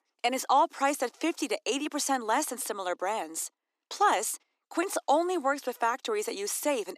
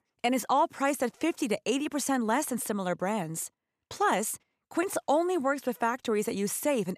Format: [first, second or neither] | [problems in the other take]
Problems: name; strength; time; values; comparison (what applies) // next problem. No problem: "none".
second | thin; very slightly; fading below 300 Hz